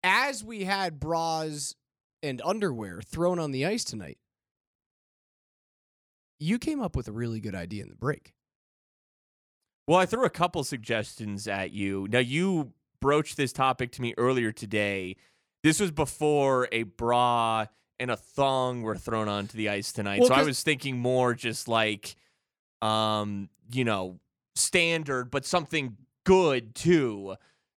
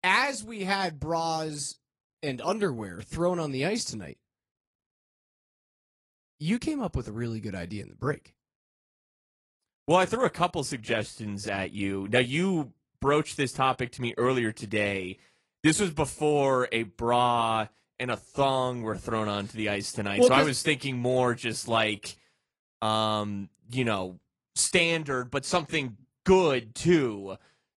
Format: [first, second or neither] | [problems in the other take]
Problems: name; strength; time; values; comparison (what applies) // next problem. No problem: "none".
first | garbled, watery; slightly